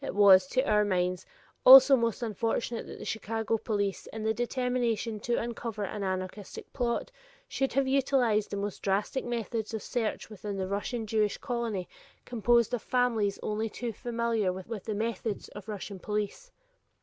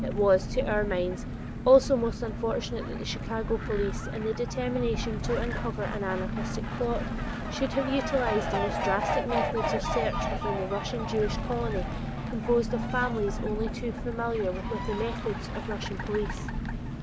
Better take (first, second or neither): first